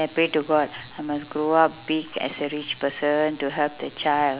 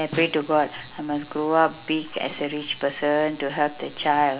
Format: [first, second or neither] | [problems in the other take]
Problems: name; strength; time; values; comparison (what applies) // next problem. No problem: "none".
first | background sound (Snare drum); 15 dB below the speech // room echo; dies away in 0.2 s